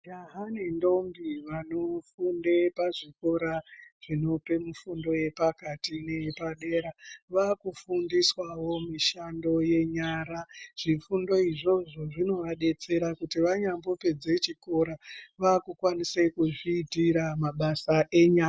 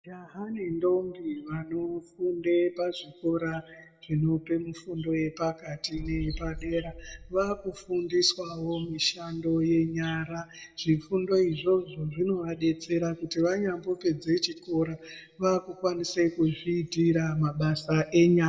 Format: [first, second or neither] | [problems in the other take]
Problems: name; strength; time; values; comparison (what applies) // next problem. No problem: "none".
first | background sound (Boom); 13 dB below the speech // room echo; dies away in 0.9 s